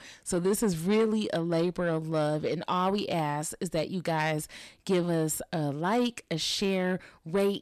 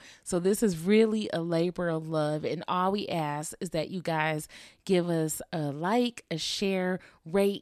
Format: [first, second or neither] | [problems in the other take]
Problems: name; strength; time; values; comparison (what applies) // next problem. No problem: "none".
second | distortion; slight; 10 dB below the speech